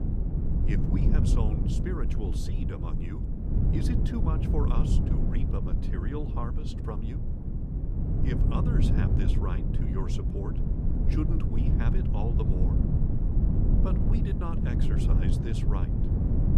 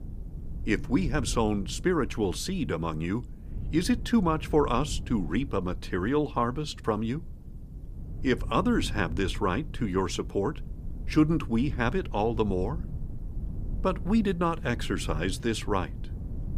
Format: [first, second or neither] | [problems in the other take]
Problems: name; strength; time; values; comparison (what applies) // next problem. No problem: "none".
second | wind noise on the microphone; heavy; 1 dB above the speech; occasional gusts in the second